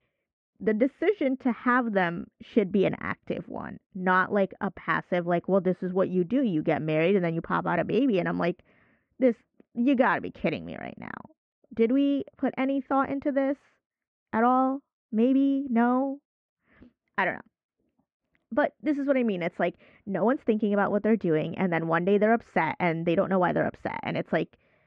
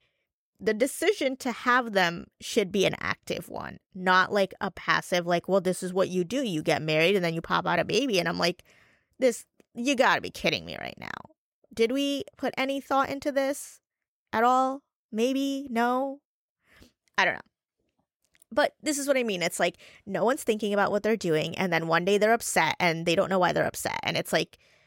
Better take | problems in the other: second | muffled; very; fading above 2 kHz

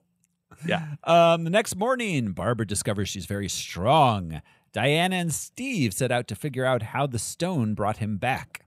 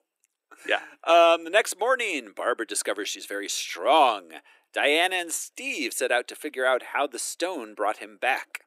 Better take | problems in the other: first | thin; very; fading below 300 Hz

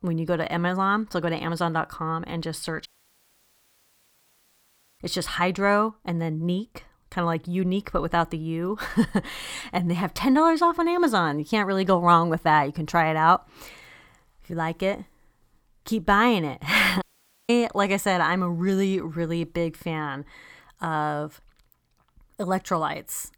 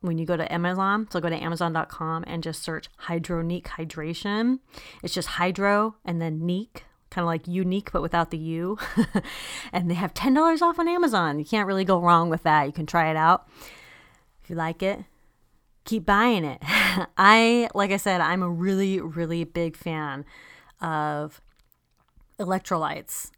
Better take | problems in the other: second | audio cutting out; at 3 s for 2 s and at 17 s

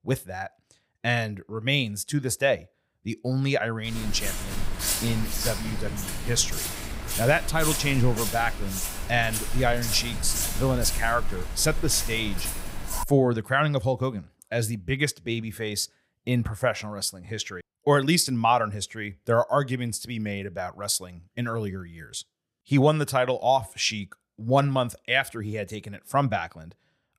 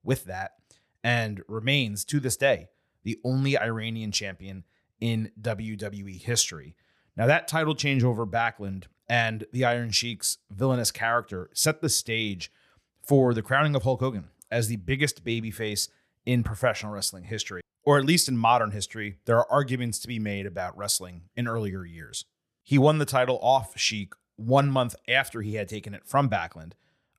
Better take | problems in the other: second | footsteps; loud; from 4 to 13 s; peak level with the speech

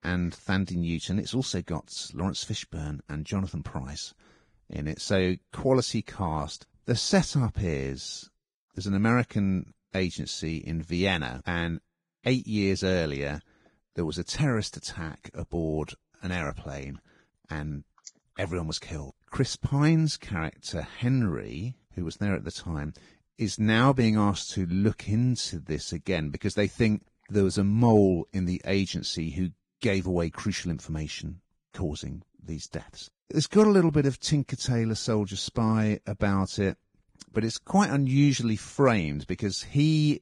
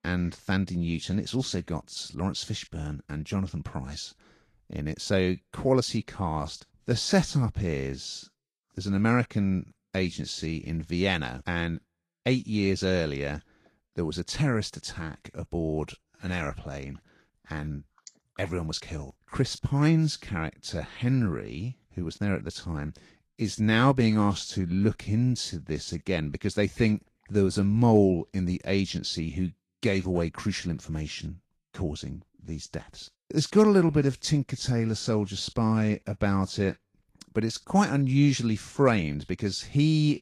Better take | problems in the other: second | garbled, watery; badly; nothing above 10 kHz; slightly in the second

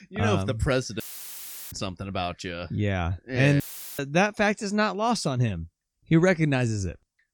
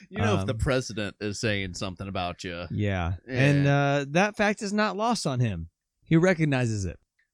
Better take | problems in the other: second | audio cutting out; filled with static; at 1 s for 0.5 s and at 3.5 s

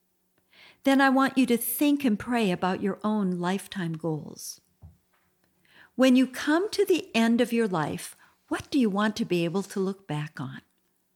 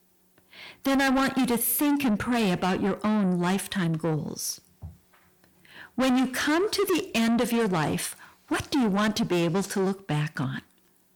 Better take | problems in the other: first | distortion; heavy; 6 dB below the speech

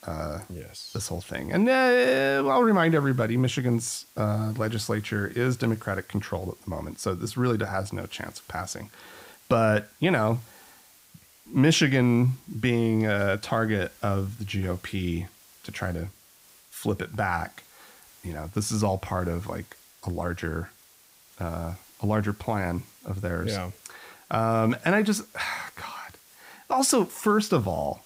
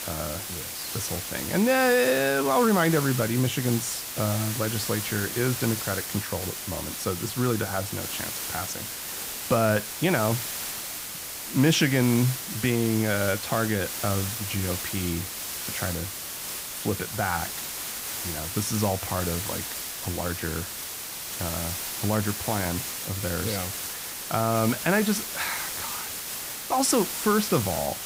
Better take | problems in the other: first | hiss; loud; throughout; 4 dB below the speech; faint in the first

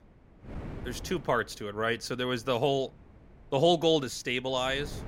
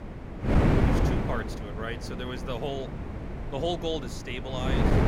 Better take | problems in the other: first | wind noise on the microphone; heavy; as loud as the speech; occasional gusts in the first

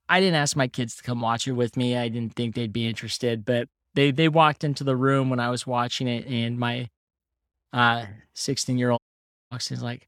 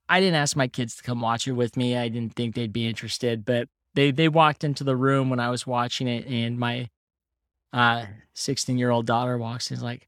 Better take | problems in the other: second | audio cutting out; at 9 s for 0.5 s

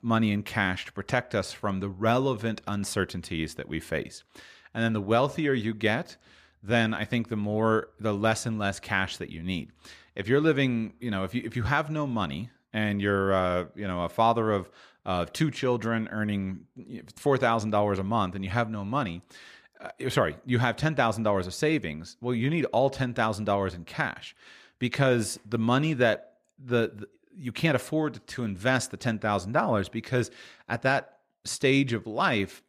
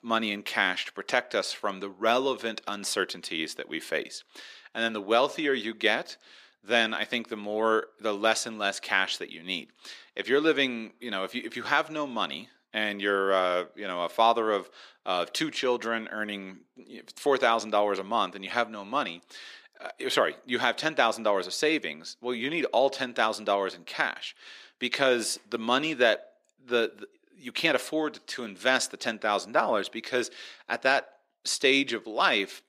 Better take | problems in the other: first | thin; somewhat; fading below 300 Hz

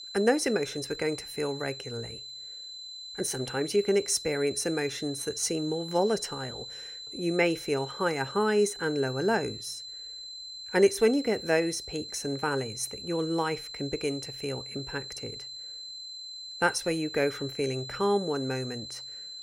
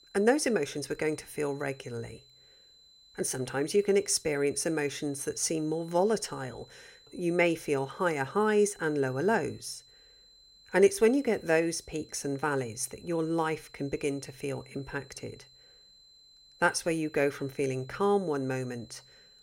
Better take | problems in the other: second | high-pitched whine; loud; throughout; 4 kHz, 10 dB below the speech; faint in the second

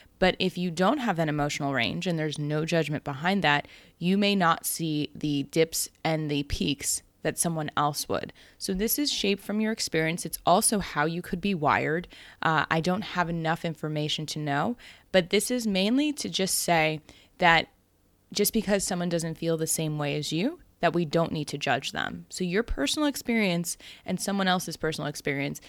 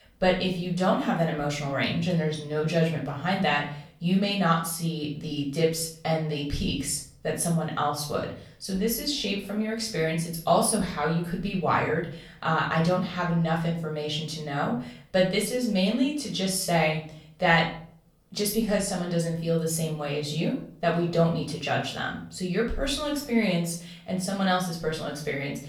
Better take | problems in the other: first | off-mic speech; far // room echo; slight; dies away in 0.5 s

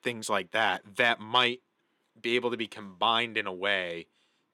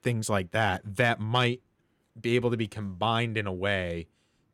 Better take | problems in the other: second | thin; somewhat; fading below 300 Hz

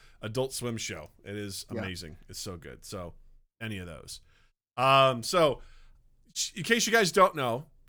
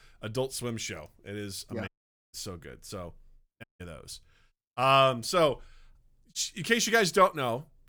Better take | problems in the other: first | audio cutting out; at 2 s and at 3.5 s

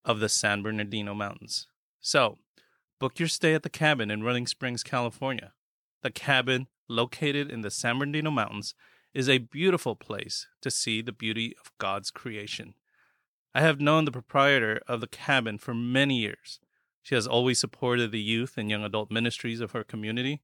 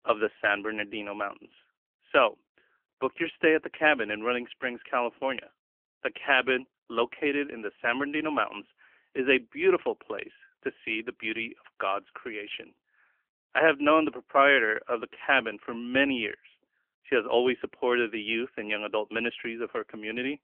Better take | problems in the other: first | phone-call audio; nothing above 3 kHz

